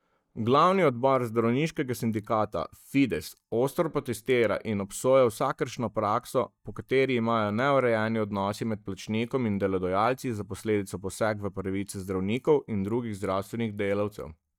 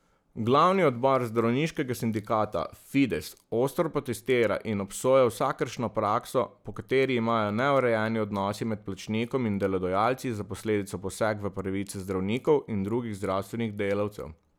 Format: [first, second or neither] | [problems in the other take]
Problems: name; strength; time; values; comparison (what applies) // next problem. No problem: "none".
second | noise reduction (neural mask model DeepFilterNet 3)